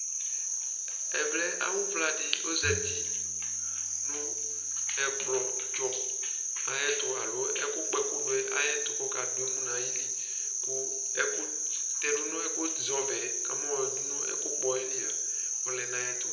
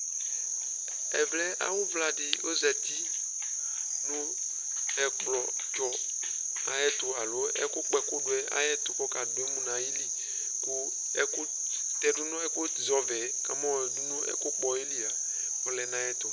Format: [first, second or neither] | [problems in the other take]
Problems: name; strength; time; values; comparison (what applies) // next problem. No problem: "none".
second | background sound (Bowed string instrument); 16 dB below the speech // room echo; dies away in 0.7 s